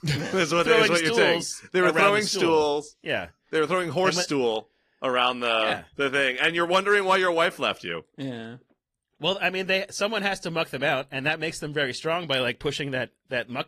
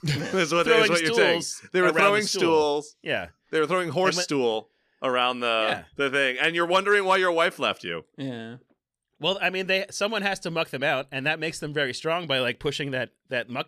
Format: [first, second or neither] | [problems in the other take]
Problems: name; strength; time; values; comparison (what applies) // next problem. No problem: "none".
second | garbled, watery; slightly; nothing above 14.5 kHz